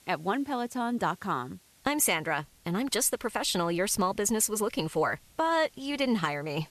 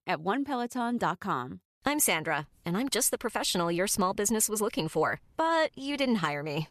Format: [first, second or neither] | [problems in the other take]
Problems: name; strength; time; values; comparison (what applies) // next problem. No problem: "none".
second | hiss; faint; throughout; 30 dB below the speech